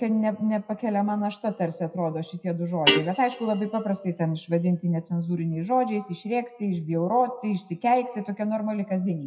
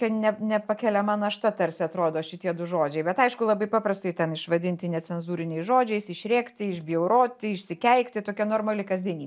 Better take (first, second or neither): second